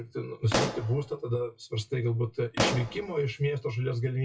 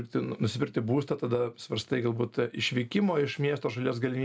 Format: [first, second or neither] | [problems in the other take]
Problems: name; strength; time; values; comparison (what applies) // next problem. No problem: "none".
second | noise reduction (classical method WPE with log-MMSE)